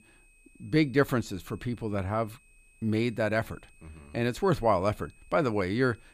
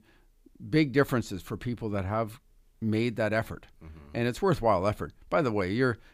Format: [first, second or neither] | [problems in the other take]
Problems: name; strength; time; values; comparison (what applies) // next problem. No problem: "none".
second | high-pitched whine; faint; throughout; 2.5 kHz, 30 dB below the speech